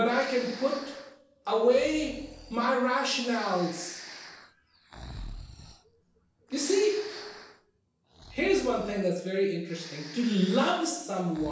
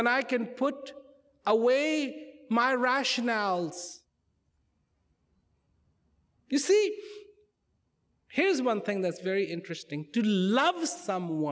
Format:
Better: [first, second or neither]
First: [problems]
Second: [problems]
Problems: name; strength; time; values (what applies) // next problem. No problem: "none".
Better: second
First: background sound (Breathing); 17 dB below the speech // room echo; dies away in 0.7 s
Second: none